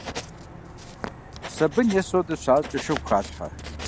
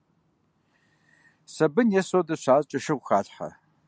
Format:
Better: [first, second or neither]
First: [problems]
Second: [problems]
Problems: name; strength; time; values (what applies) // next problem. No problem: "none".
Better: second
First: background sound (Writing); 11 dB below the speech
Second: none